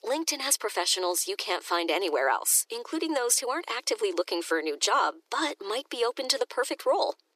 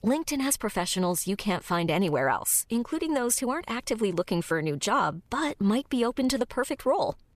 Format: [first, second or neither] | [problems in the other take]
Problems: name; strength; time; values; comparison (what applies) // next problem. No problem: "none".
second | thin; very; fading below 300 Hz